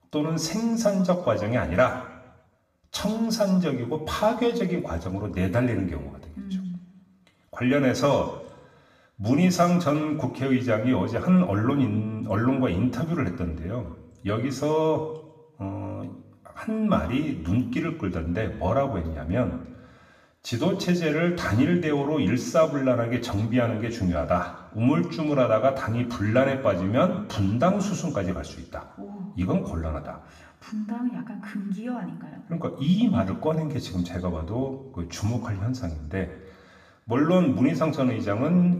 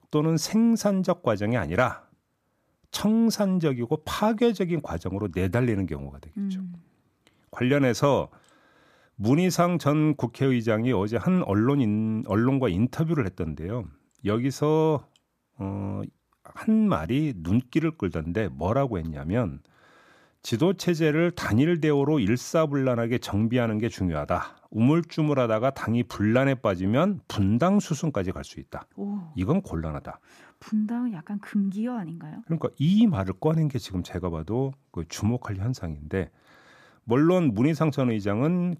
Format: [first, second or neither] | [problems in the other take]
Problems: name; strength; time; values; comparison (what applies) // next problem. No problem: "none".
second | room echo; slight; dies away in 0.8 s // off-mic speech; somewhat distant